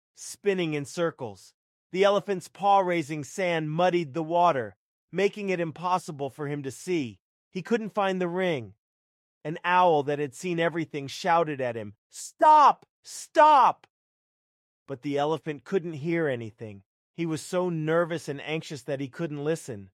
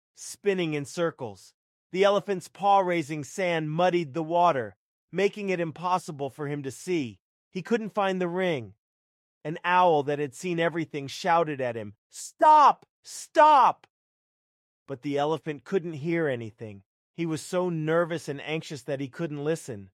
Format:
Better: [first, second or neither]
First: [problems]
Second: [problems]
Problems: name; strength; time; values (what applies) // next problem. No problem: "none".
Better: neither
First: none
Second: none